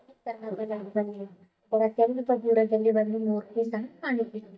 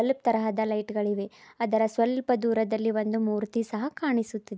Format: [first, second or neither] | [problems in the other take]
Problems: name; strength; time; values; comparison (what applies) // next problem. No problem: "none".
second | noise reduction (neural mask model DeepFilterNet 3)